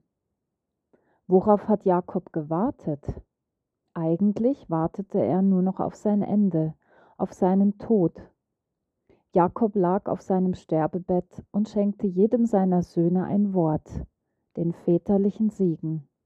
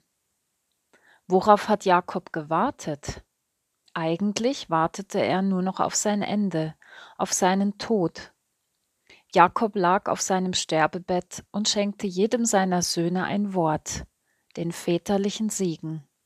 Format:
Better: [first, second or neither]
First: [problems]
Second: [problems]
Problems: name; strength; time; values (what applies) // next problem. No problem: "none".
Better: second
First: muffled; very; fading above 1 kHz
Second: none